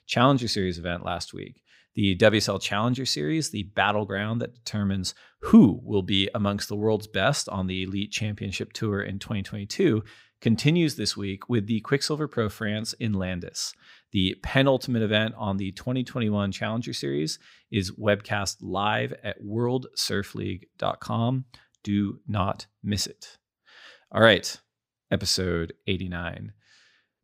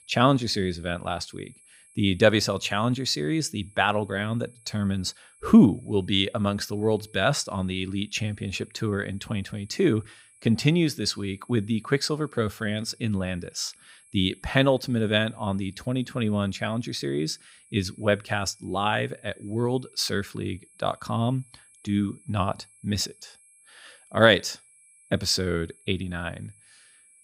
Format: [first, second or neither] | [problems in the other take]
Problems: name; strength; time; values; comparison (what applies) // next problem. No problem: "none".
first | high-pitched whine; faint; throughout; 10.5 kHz, 30 dB below the speech